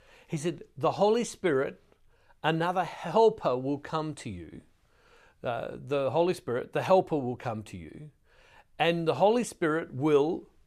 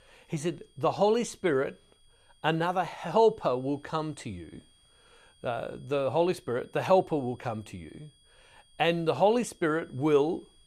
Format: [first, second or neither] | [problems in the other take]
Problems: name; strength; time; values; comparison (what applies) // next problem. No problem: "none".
first | high-pitched whine; faint; throughout; 3.5 kHz, 35 dB below the speech